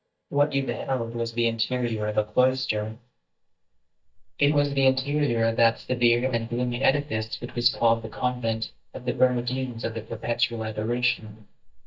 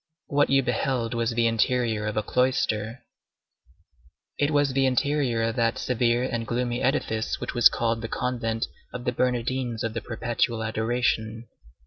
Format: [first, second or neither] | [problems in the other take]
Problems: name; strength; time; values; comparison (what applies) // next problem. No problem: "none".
second | noise reduction (neural mask model DeepFilterNet 3)